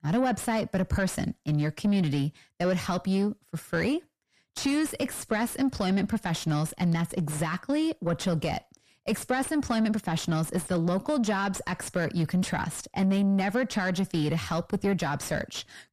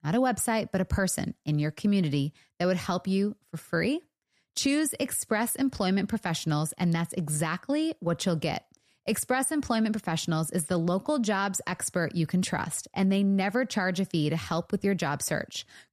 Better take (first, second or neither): second